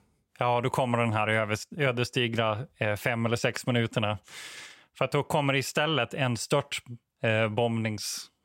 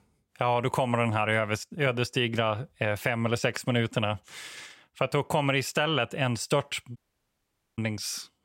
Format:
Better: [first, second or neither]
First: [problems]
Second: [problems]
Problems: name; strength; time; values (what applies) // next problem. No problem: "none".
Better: first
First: none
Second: audio cutting out; at 7 s for 1 s